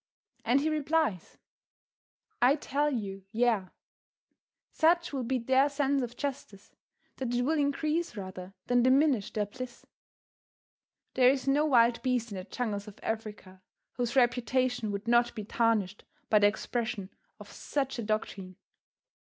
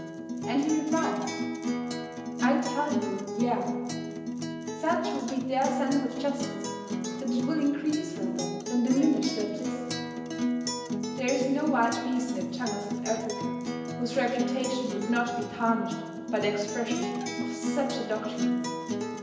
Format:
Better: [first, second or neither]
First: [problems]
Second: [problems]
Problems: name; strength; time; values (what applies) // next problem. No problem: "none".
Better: first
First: none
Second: background sound (Acoustic guitar); 2 dB below the speech // room echo; dies away in 1 s